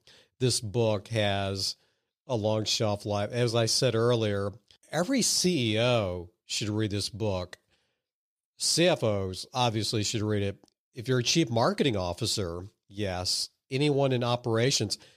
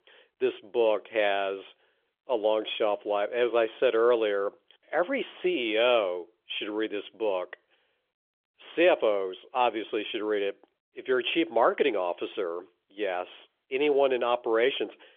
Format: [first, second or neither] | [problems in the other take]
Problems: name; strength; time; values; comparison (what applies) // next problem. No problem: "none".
first | phone-call audio; nothing above 3.5 kHz